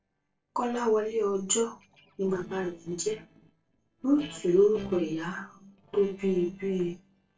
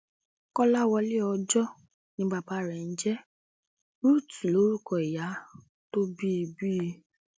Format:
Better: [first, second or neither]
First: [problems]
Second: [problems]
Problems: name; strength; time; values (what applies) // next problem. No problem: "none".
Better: second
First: noise reduction (neural separator model SepFormer DNS4)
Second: none